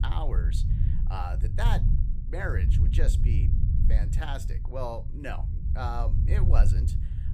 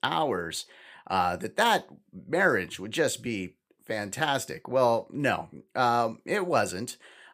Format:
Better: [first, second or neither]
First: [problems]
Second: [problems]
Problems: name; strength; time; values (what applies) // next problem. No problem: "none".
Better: second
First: low rumble; loud; throughout; 7 dB below the speech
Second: none